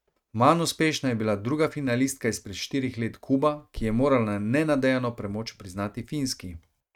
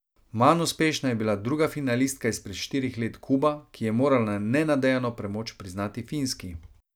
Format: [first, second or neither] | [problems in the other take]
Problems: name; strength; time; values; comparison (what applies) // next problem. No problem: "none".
second | noise reduction (neural mask model RNNoise)